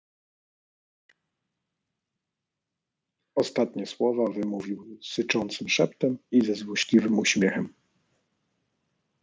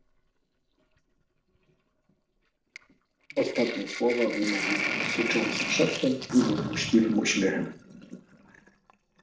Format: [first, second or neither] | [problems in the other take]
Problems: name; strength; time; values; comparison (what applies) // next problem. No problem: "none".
first | noise reduction (neural separator model SepFormer DNS4)